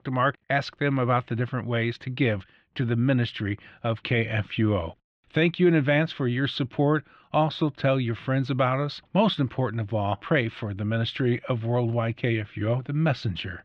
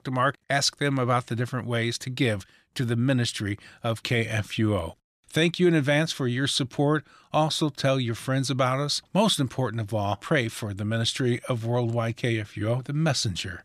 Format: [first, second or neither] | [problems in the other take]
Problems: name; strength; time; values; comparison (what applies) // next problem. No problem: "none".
second | muffled; very; fading above 3 kHz